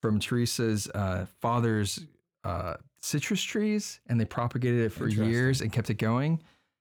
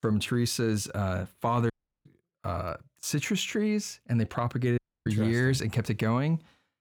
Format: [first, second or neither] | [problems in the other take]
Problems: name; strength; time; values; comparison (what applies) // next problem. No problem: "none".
first | audio cutting out; at 1.5 s and at 5 s